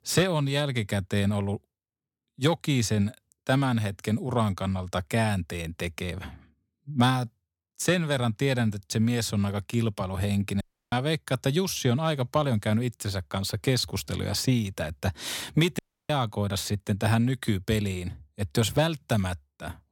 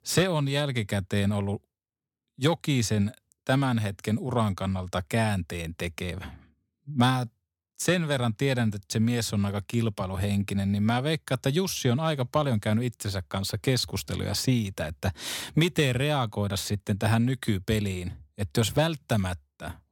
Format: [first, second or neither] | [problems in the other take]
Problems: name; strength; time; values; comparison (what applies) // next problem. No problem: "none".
second | audio cutting out; at 11 s and at 16 s